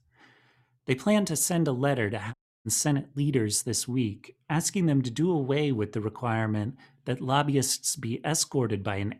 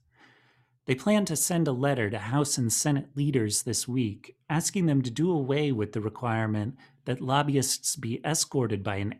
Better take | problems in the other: second | audio cutting out; at 2.5 s

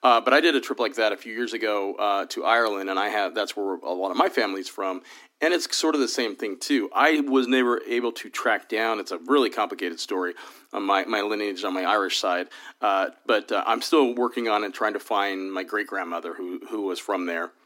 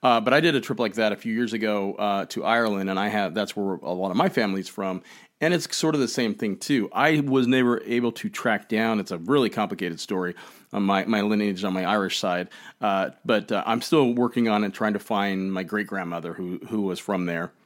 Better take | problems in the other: second | thin; very slightly; fading below 250 Hz

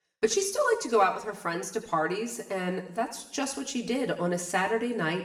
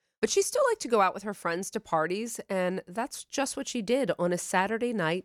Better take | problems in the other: second | room echo; slight; dies away in 0.7 s // off-mic speech; somewhat distant

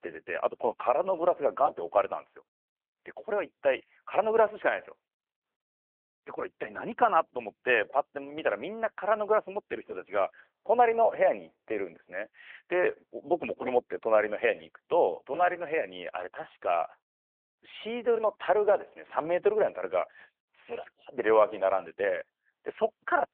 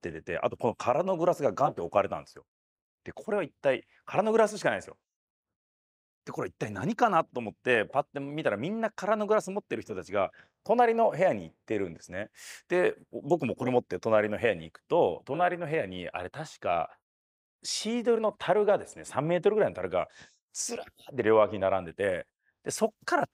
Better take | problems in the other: second | phone-call audio

